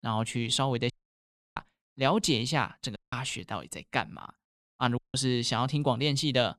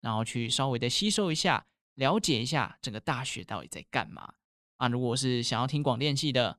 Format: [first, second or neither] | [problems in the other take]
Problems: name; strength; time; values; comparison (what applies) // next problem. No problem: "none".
second | audio cutting out; at 1 s for 0.5 s, at 3 s and at 5 s